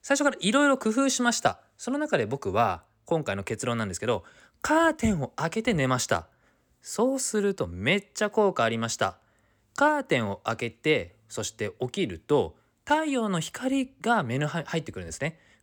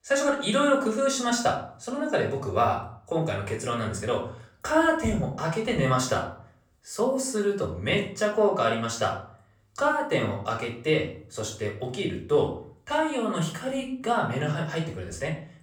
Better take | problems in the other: first | off-mic speech; far // room echo; slight; dies away in 0.4 s

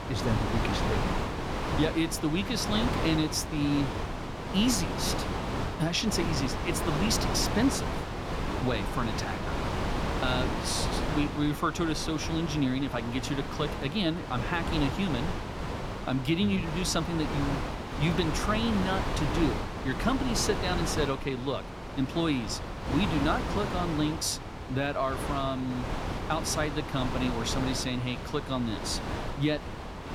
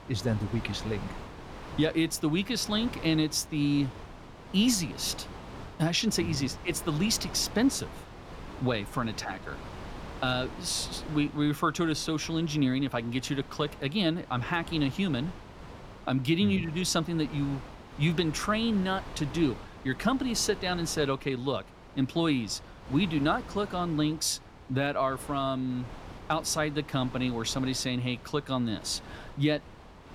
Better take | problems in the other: second | wind noise on the microphone; heavy; 2 dB below the speech; occasional gusts in the second

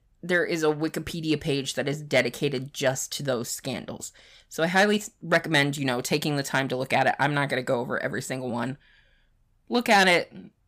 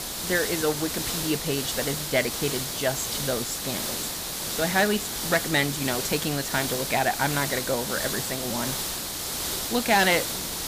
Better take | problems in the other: first | hiss; loud; throughout; 2 dB below the speech

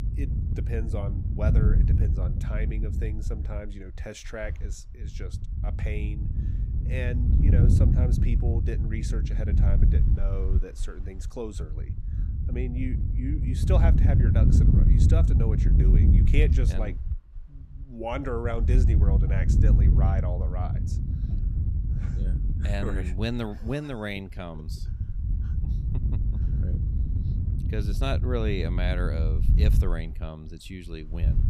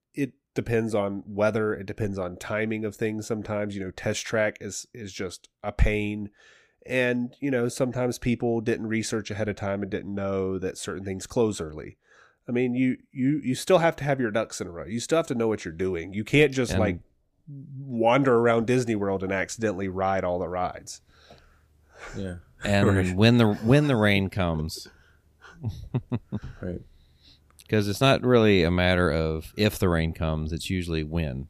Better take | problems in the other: second | wind noise on the microphone; heavy; 3 dB below the speech

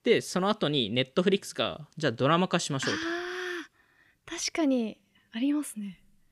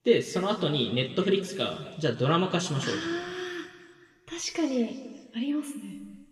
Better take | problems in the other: first | room echo; slight; dies away in 1.7 s // off-mic speech; somewhat distant

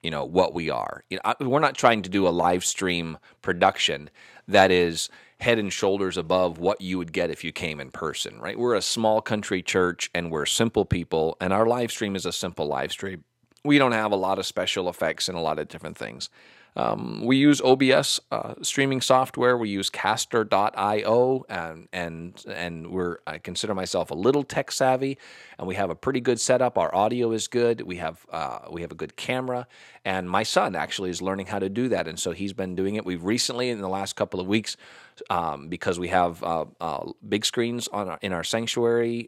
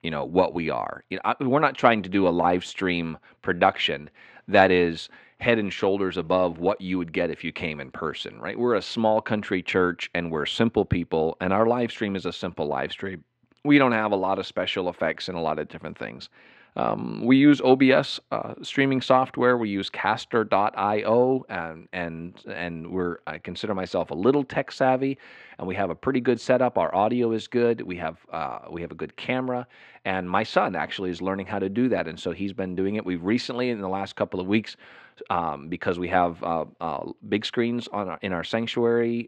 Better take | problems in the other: first | muffled; slightly; fading above 2.5 kHz

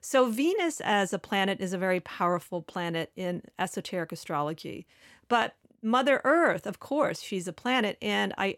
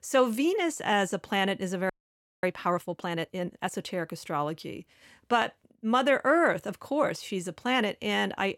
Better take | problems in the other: first | audio freezing; at 2 s for 0.5 s

